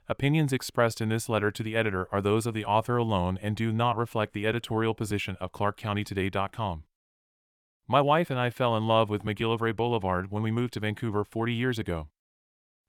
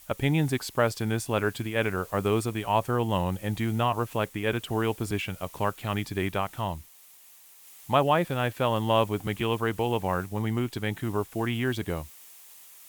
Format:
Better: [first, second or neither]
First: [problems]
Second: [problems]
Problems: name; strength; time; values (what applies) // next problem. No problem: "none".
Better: first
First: none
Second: hiss; noticeable; throughout; 20 dB below the speech